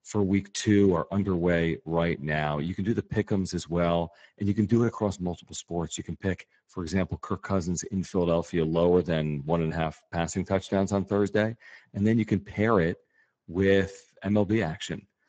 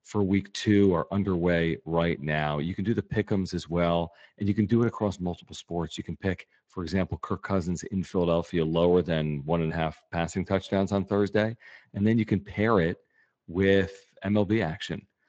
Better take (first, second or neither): second